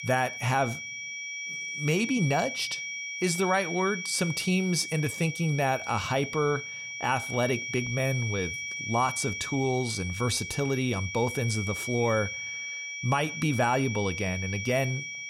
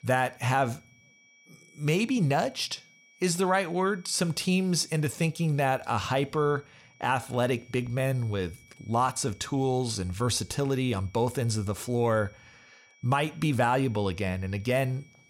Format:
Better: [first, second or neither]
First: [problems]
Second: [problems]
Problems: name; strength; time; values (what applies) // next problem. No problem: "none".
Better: second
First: high-pitched whine; loud; throughout; 2.5 kHz, 5 dB below the speech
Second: high-pitched whine; faint; throughout; 2.5 kHz, 30 dB below the speech